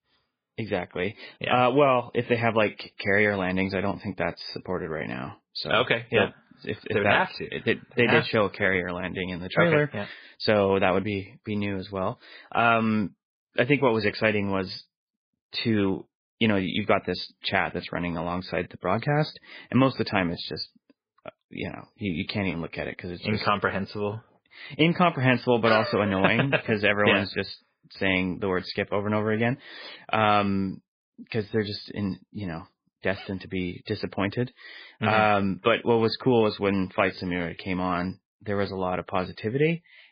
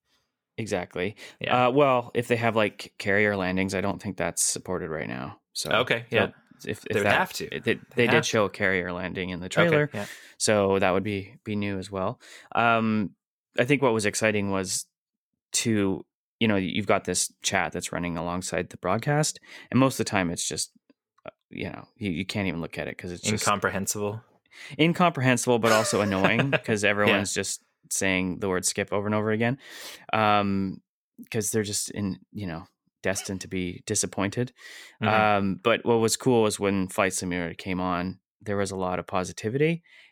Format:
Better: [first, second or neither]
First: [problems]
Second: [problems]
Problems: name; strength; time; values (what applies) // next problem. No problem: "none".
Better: second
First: garbled, watery; badly; nothing above 5 kHz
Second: none